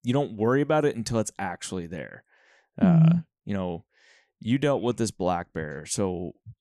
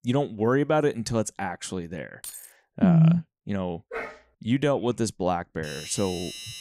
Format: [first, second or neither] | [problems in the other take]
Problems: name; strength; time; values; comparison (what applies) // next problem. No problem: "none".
first | jangling keys; faint; at 2 s; peak 15 dB below the speech // dog barking; faint; at 4 s; peak 10 dB below the speech // doorbell; faint; at 5.5 s; peak 10 dB below the speech